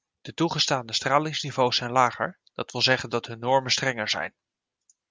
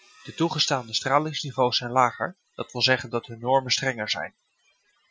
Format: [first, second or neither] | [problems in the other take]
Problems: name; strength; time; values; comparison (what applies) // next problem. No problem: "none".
first | noise reduction (classical method Wiener filter)